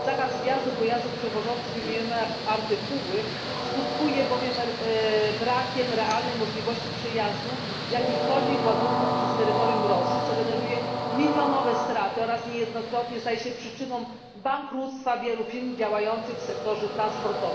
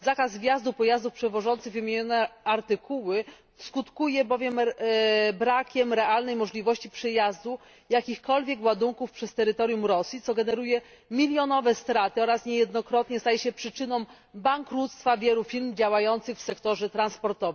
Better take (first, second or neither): second